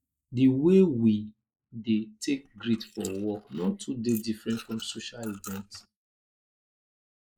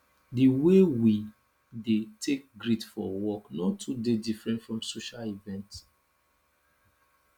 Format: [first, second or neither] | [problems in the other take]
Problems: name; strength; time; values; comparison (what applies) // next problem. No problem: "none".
second | noise reduction (neural mask model Resemble Enhance denoiser)